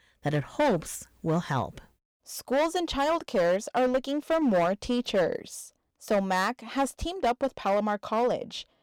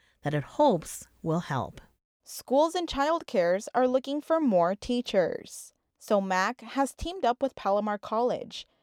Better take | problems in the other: second | distortion; slight; 8% of the sound clipped

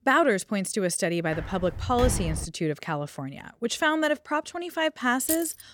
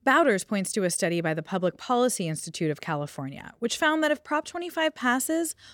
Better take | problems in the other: second | footsteps; noticeable; from 1.5 to 2.5 s; peak 3 dB below the speech // jangling keys; noticeable; at 5.5 s; peak 3 dB below the speech

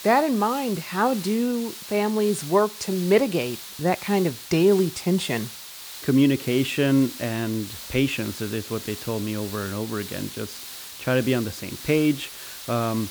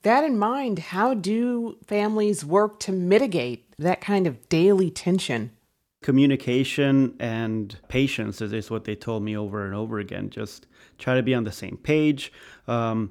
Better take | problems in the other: second | hiss; noticeable; throughout; 10 dB below the speech

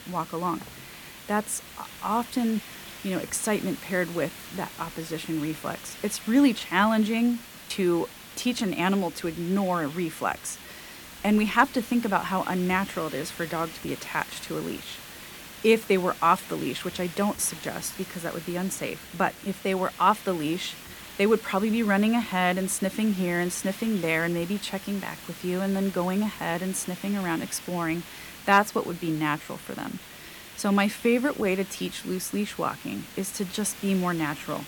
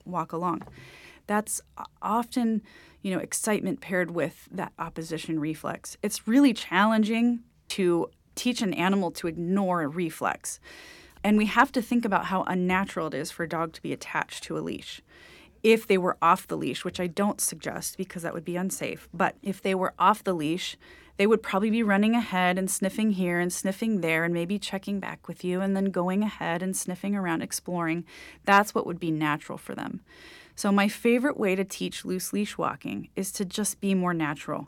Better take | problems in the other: second | hiss; noticeable; throughout; 15 dB below the speech

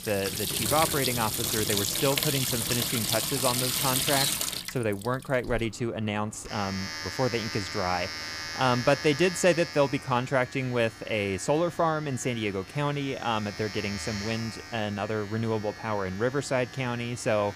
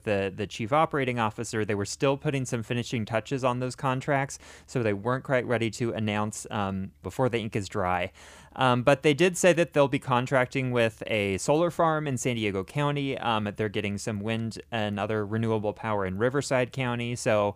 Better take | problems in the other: second | household noises; loud; throughout; as loud as the speech

